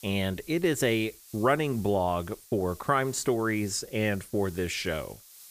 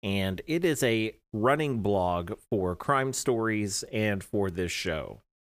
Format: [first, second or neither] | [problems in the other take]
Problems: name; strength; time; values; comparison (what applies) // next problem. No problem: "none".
second | hiss; faint; throughout; 20 dB below the speech